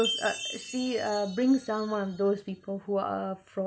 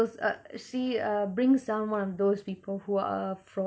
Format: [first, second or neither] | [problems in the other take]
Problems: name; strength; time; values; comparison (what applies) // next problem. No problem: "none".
second | background sound (Chime); 11 dB below the speech